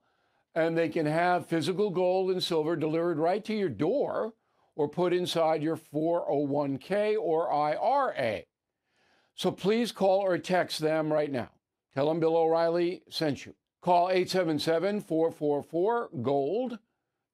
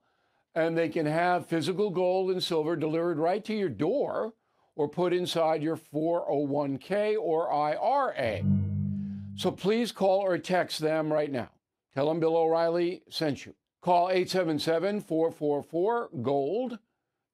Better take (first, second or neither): first